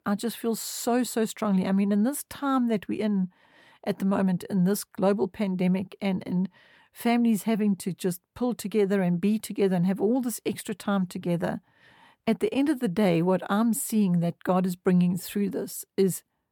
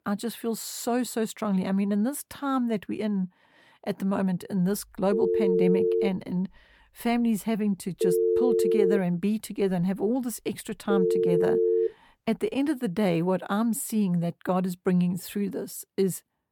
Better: first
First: none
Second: phone ringing; loud; from 5 to 12 s; peak 5 dB above the speech

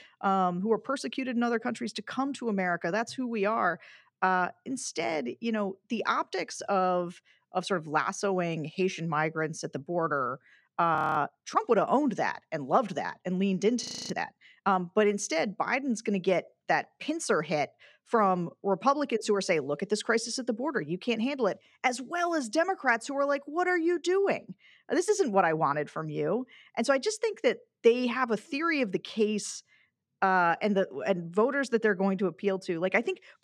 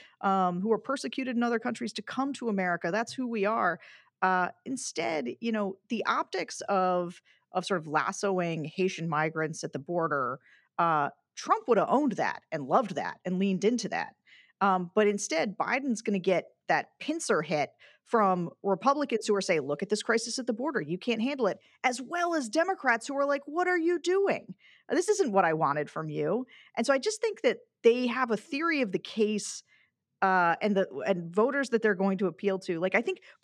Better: second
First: audio freezing; at 11 s and at 14 s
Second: none

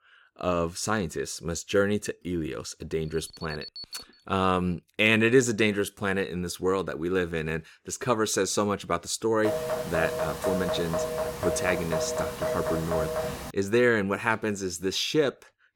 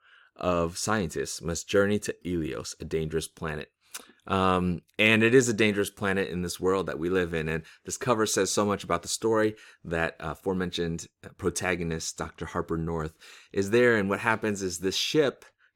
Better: second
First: alarm; faint; from 3 to 4 s; peak 10 dB below the speech // phone ringing; noticeable; from 9.5 to 14 s; peak 2 dB below the speech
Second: none

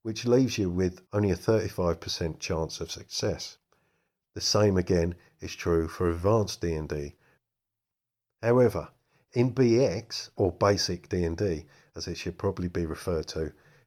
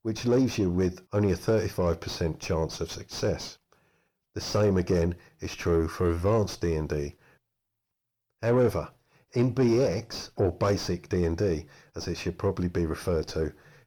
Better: first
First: none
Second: distortion; slight; 9 dB below the speech

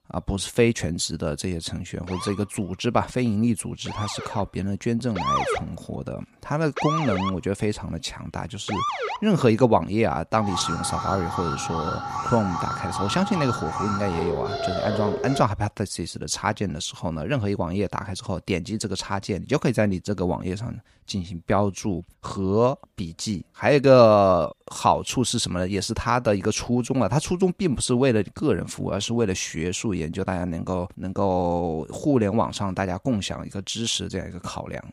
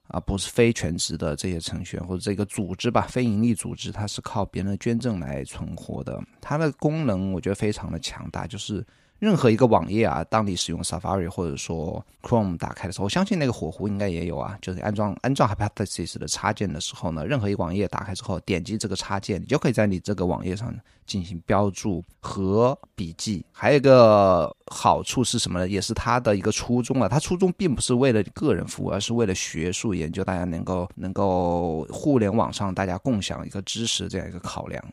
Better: second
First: siren; loud; from 2 to 9 s; peak 1 dB above the speech // alarm; noticeable; from 10 to 15 s; peak 2 dB below the speech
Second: none

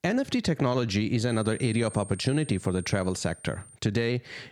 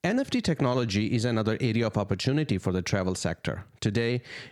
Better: second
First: high-pitched whine; noticeable; from 1.5 to 4 s; 8.5 kHz, 15 dB below the speech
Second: none

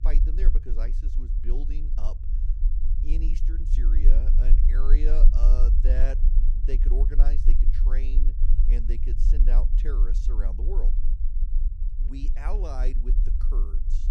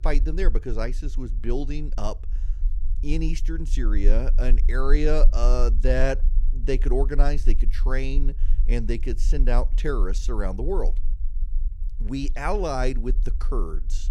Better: second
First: low rumble; loud; throughout; 7 dB below the speech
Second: low rumble; faint; throughout; 20 dB below the speech

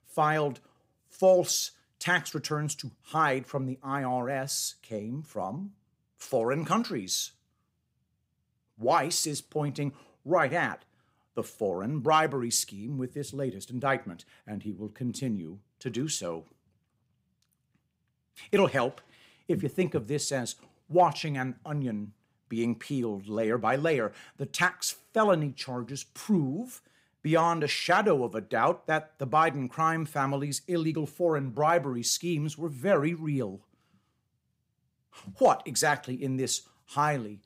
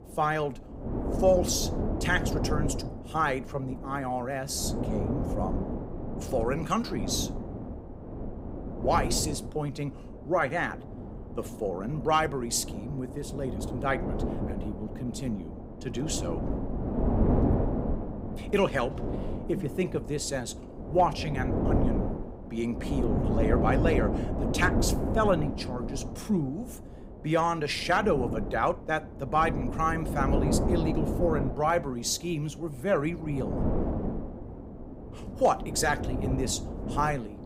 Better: first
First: none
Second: wind noise on the microphone; heavy; 8 dB below the speech

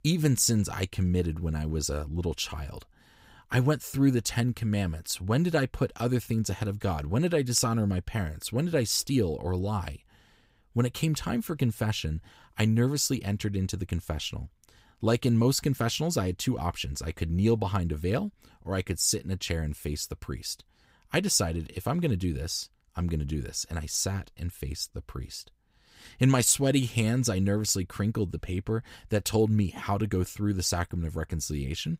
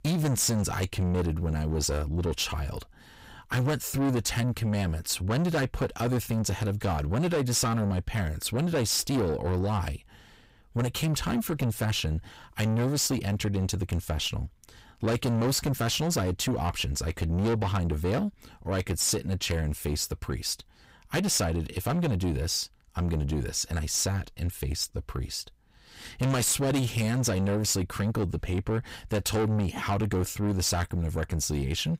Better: first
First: none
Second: distortion; heavy; 7 dB below the speech

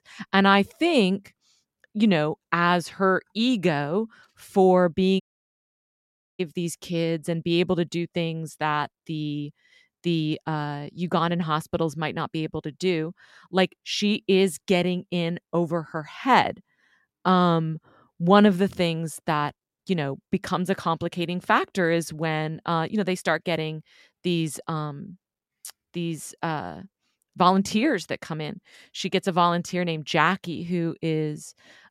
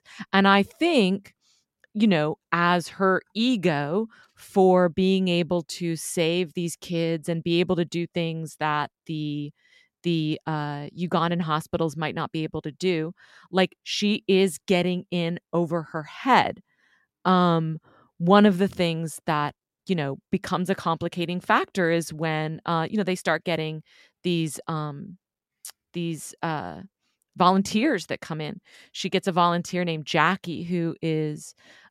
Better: second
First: audio cutting out; at 5 s for 1 s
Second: none

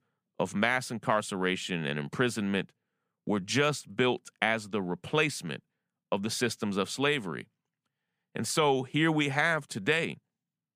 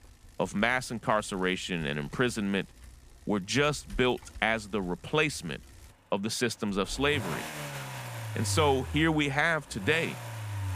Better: first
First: none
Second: traffic noise; noticeable; throughout; 10 dB below the speech

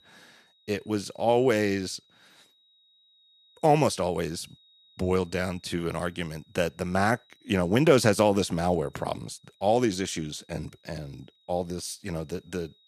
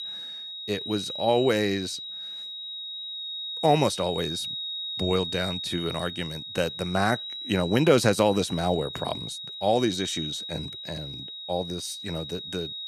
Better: first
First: high-pitched whine; faint; throughout; 4 kHz, 35 dB below the speech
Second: high-pitched whine; loud; throughout; 4 kHz, 6 dB below the speech

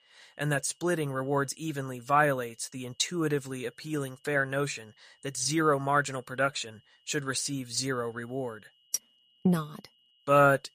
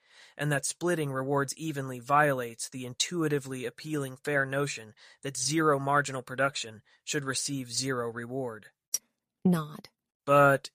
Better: second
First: high-pitched whine; faint; throughout; 3 kHz, 35 dB below the speech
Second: none

